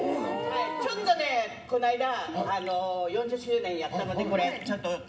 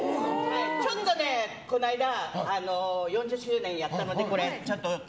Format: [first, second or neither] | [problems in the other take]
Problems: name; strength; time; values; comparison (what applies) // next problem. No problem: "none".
second | background sound (Gurgling); 14 dB below the speech // room echo; dies away in 0.4 s